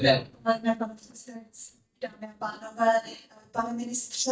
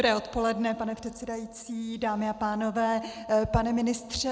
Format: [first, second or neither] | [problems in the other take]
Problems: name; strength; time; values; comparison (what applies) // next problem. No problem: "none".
second | noise reduction (neural mask model DeepFilterNet 3)